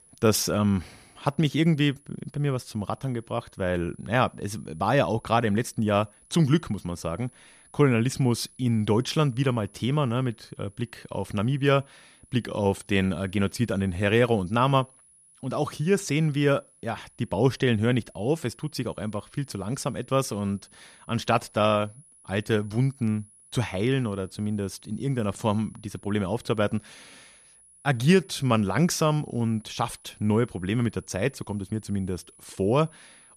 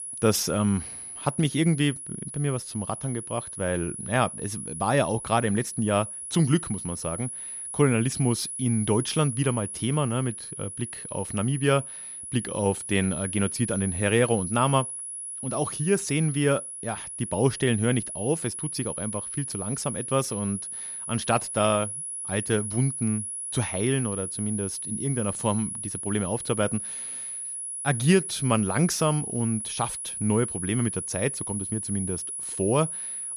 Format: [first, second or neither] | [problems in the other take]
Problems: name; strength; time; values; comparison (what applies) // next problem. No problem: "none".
first | high-pitched whine; loud; throughout; 10.5 kHz, 6 dB below the speech; faint in the first